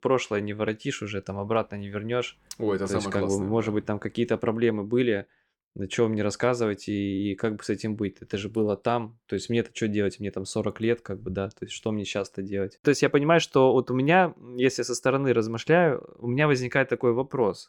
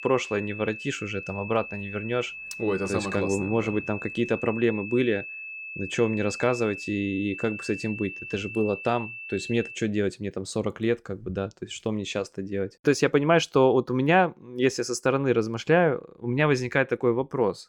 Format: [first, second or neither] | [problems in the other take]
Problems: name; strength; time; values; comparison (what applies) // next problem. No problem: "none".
first | high-pitched whine; loud; until 10 s; 2.5 kHz, 10 dB below the speech